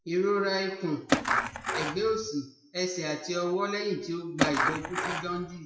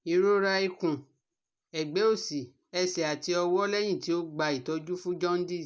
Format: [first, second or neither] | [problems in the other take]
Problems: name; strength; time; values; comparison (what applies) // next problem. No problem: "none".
second | noise reduction (classical method WPE with log-MMSE)